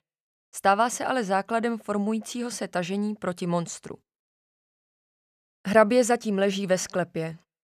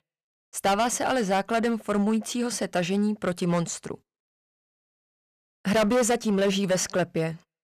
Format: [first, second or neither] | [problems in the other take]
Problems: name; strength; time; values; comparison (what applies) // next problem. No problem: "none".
first | distortion; heavy; 8% of the sound clipped